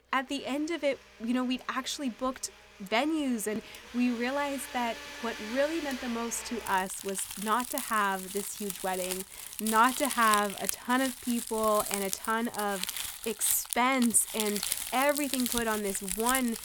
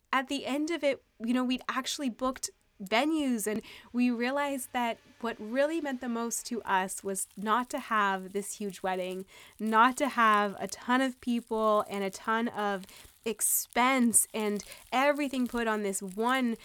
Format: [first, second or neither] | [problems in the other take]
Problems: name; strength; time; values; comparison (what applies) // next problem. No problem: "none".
second | household noises; loud; throughout; 5 dB below the speech; faint in the second